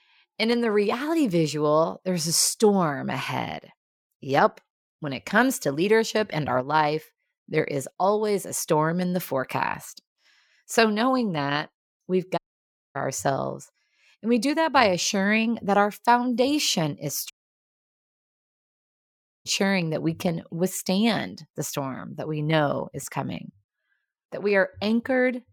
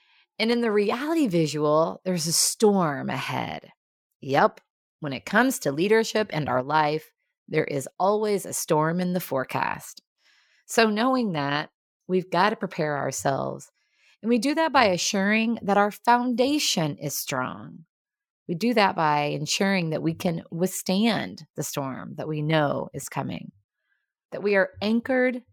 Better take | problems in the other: second | audio cutting out; at 12 s for 0.5 s and at 17 s for 2 s

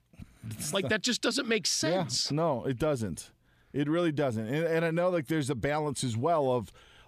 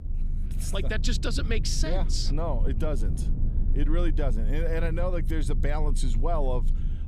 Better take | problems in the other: first | low rumble; noticeable; throughout; 15 dB below the speech

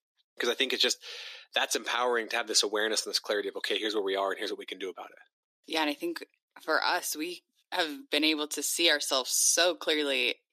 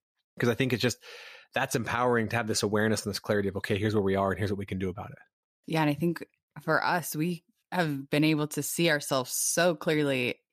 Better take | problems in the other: second | thin; somewhat; fading below 300 Hz

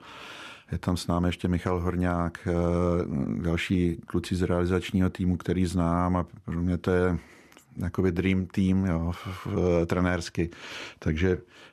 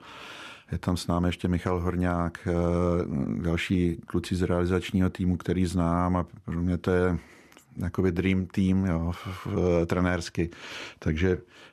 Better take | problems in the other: neither | none

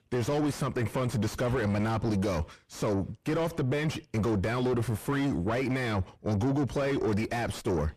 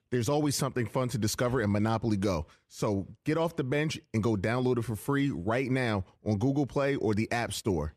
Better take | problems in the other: second | distortion; heavy; 5 dB below the speech

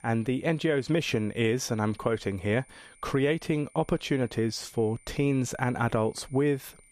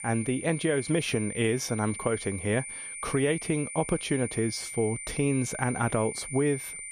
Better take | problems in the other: first | high-pitched whine; loud; throughout; 9.5 kHz, 8 dB below the speech; faint in the first

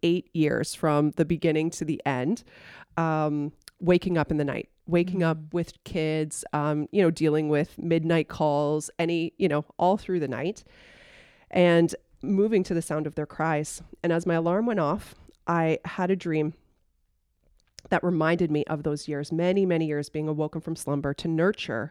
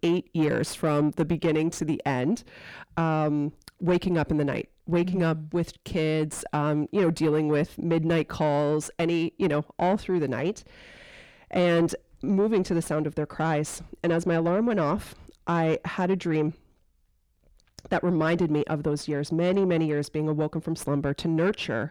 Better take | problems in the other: first | distortion; slight; 10 dB below the speech

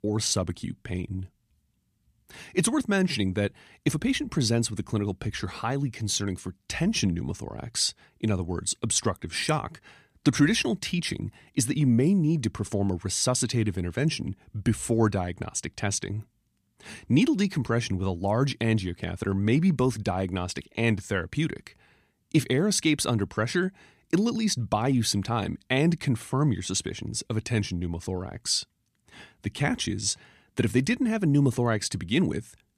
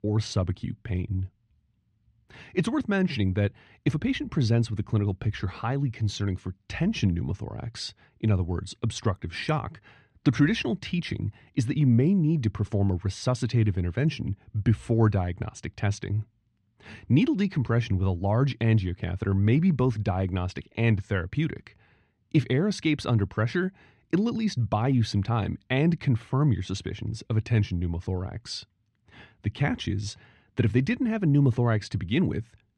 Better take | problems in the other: first | muffled; slightly; fading above 3.5 kHz

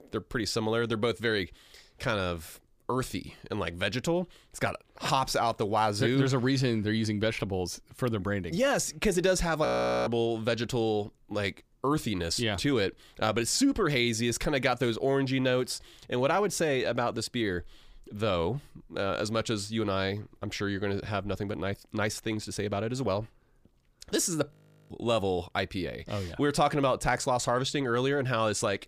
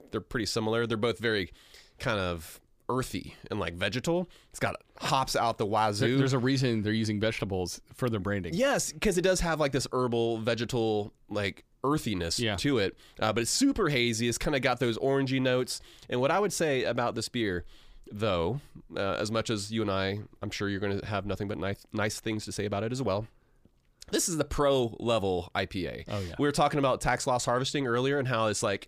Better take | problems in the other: second | audio freezing; at 9.5 s and at 25 s

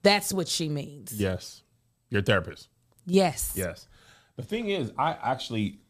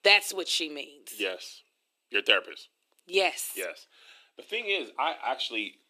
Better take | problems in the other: first | thin; very; fading below 300 Hz

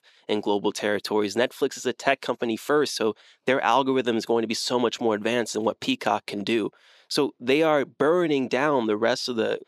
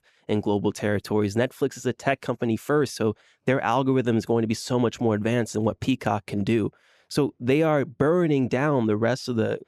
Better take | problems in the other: second | thin; very slightly; fading below 300 Hz

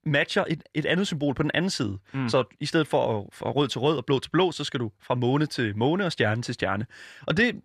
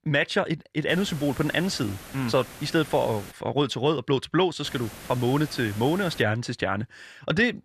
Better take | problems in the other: first | hiss; noticeable; from 1 to 3.5 s and from 4.5 to 6 s; 15 dB below the speech

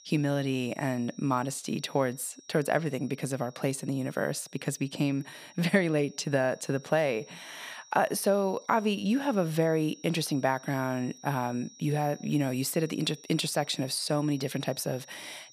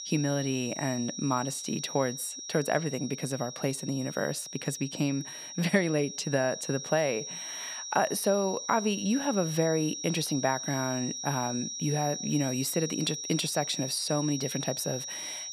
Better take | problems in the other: first | high-pitched whine; loud; throughout; 5.5 kHz, 6 dB below the speech; faint in the first

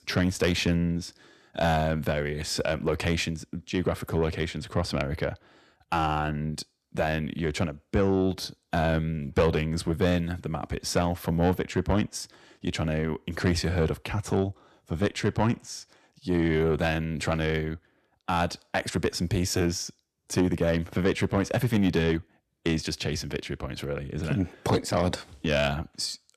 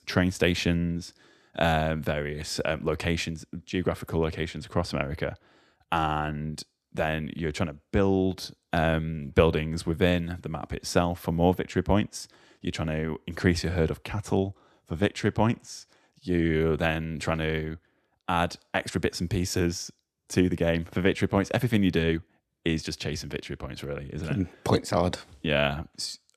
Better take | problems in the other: second | distortion; slight; 10 dB below the speech

